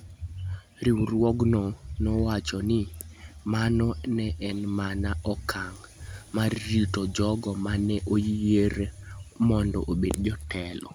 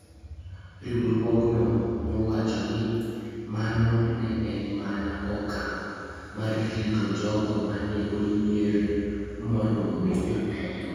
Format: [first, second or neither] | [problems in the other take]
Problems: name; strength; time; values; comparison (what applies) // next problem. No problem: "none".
first | room echo; dies away in 2.2 s